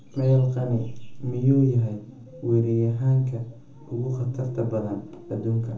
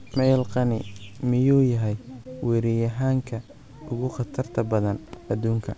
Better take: second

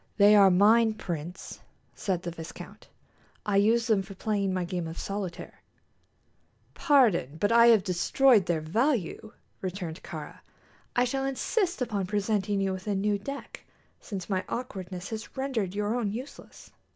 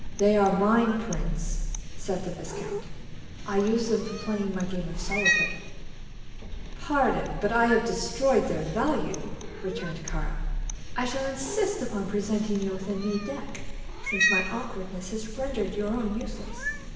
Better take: first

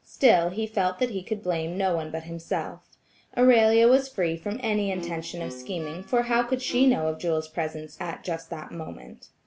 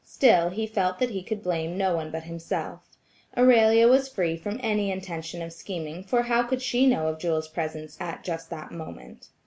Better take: second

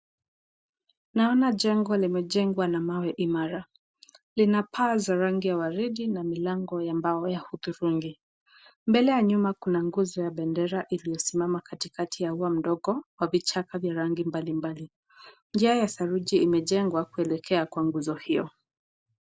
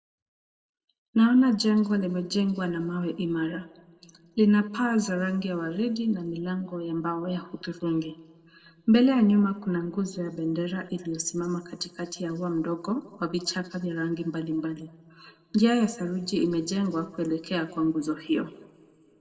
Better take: first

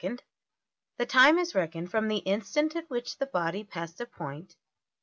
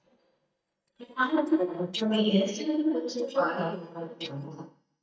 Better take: first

